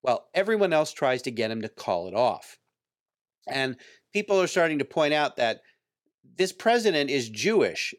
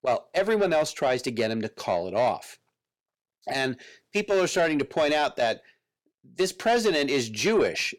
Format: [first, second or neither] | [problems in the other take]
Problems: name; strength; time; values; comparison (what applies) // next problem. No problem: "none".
first | distortion; slight; 10 dB below the speech